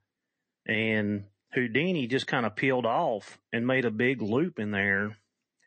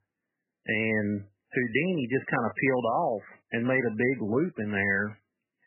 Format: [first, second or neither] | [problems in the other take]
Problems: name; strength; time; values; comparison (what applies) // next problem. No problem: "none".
first | garbled, watery; badly; nothing above 3 kHz; slightly in the first